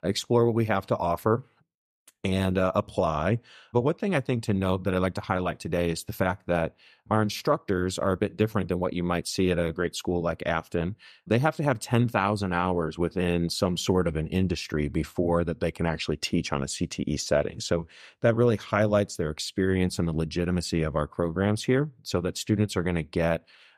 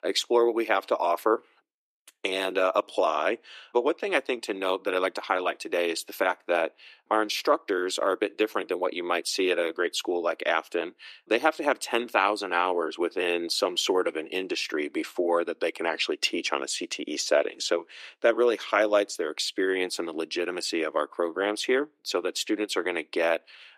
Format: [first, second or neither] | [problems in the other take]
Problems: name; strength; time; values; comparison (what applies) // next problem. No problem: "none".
first | thin; very; fading below 300 Hz